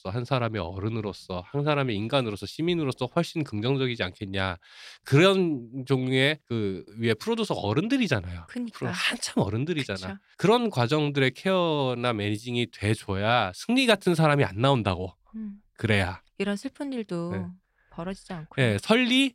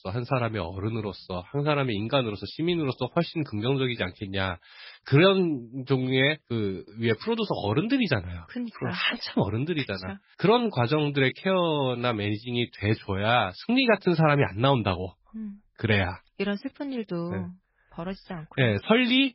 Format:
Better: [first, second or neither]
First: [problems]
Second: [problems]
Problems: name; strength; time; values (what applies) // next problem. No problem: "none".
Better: first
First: none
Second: garbled, watery; badly; nothing above 5.5 kHz